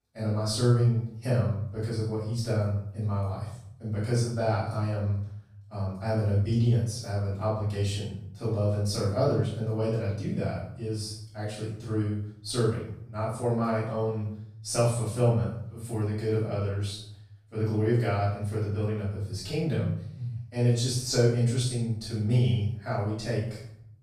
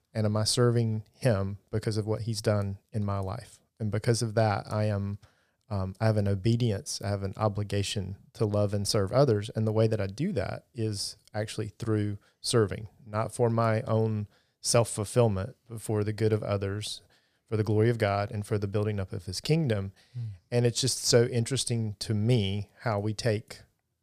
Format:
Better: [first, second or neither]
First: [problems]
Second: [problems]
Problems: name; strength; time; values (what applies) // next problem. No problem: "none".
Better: second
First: room echo; noticeable; dies away in 0.6 s // off-mic speech; far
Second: none